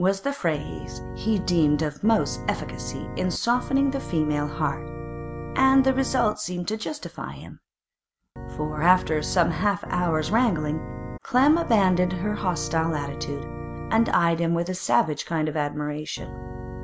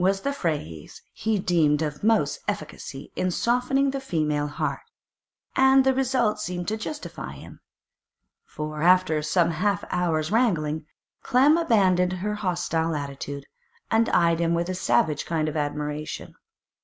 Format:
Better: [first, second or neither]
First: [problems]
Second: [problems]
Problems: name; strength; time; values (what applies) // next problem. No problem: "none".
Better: second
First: background sound (Organ); 10 dB below the speech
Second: none